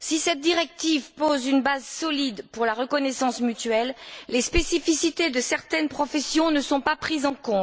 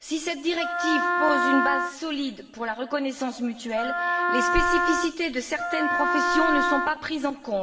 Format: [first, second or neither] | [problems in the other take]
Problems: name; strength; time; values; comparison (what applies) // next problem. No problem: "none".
first | background sound (Wind instrument, woodwind instrument); 2 dB above the speech // room echo; dies away in 1.4 s